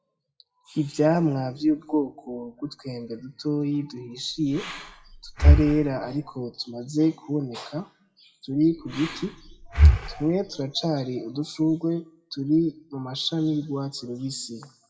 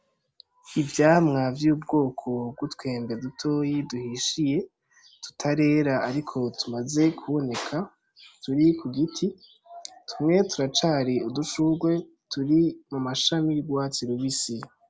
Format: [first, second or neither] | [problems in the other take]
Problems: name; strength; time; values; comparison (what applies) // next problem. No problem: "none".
second | noise reduction (classical method WPE with log-MMSE)